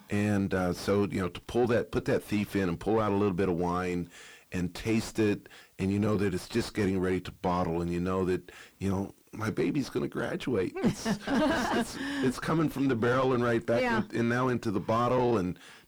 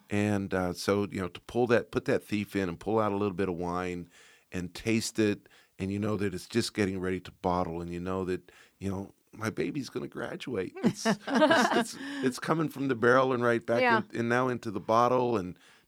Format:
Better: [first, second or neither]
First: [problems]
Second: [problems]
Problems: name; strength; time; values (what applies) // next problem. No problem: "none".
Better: second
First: distortion; heavy; 5 dB below the speech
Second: none